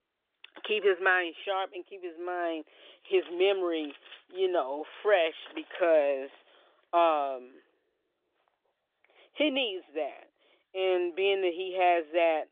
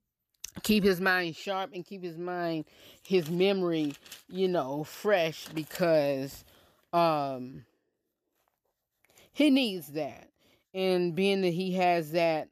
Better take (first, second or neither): second